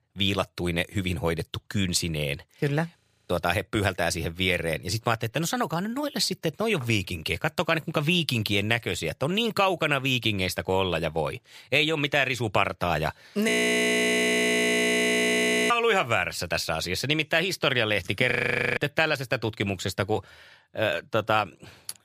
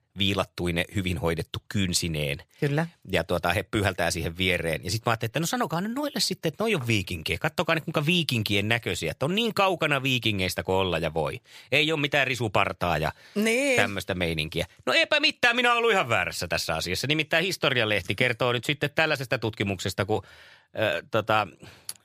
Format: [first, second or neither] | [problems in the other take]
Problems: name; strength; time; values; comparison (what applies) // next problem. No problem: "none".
second | audio freezing; at 3 s, at 13 s for 2 s and at 18 s